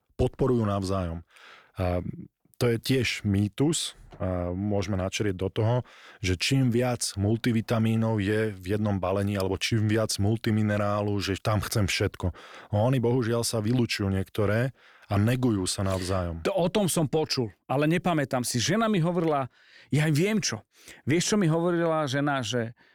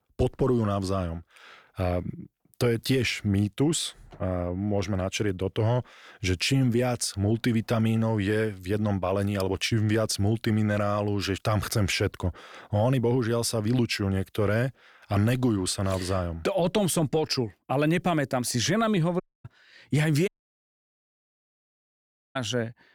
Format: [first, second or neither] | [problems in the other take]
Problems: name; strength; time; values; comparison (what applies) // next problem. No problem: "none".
first | audio cutting out; at 19 s and at 20 s for 2 s